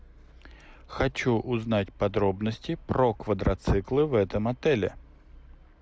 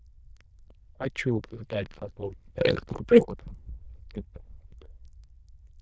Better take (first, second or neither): first